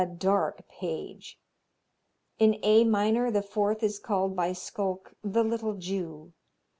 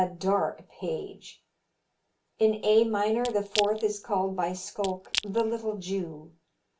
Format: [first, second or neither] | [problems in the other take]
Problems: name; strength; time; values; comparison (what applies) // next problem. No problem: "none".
first | background sound (Crack / Crushing); 10 dB below the speech // room echo; dies away in 0.2 s